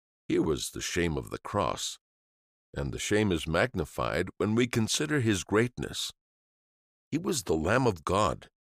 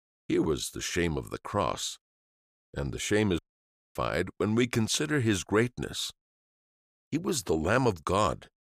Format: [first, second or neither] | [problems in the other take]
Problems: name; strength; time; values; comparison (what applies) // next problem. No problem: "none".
first | audio cutting out; at 3.5 s for 0.5 s